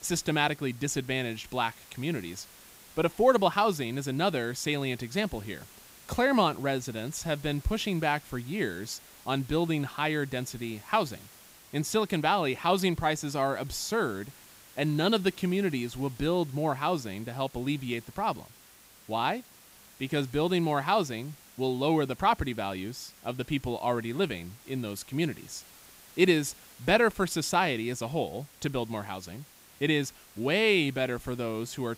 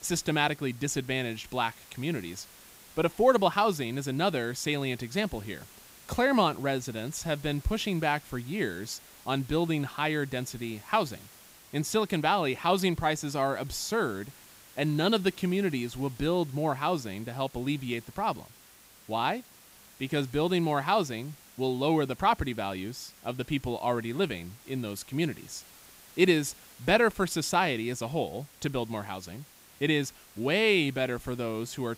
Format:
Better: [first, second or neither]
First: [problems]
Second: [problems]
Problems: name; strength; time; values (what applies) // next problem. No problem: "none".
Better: neither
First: hiss; faint; throughout; 20 dB below the speech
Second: hiss; faint; throughout; 20 dB below the speech